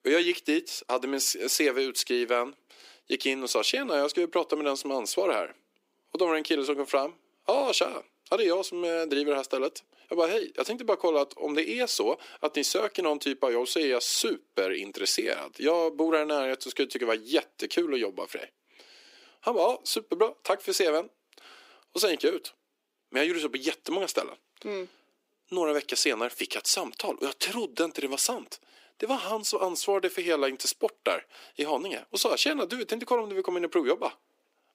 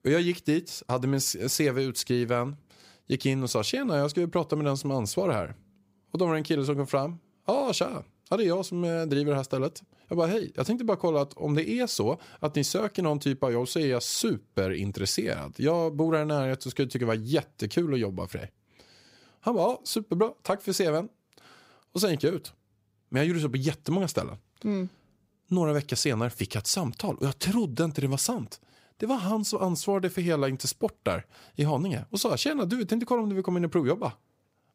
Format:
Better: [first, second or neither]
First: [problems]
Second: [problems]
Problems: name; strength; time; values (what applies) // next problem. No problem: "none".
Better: second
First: thin; somewhat; fading below 300 Hz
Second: none